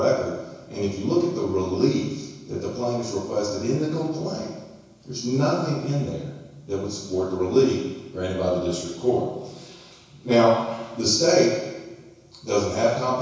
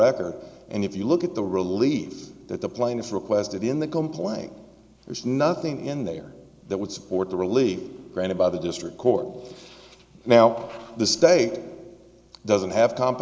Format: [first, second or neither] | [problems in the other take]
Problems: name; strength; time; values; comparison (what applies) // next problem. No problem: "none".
second | room echo; dies away in 1.1 s